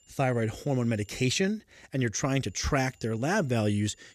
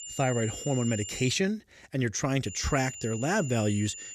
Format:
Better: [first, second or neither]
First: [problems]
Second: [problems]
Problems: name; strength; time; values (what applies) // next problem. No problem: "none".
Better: first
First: high-pitched whine; faint; until 1.5 s and from 2.5 s on; 7 kHz, 30 dB below the speech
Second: high-pitched whine; loud; until 1.5 s and from 2.5 s on; 7 kHz, 10 dB below the speech